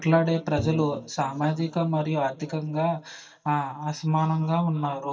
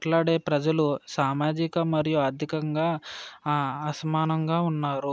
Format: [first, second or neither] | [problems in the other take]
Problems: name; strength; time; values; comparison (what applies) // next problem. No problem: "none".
second | noise reduction (neural mask model DeepFilterNet 3)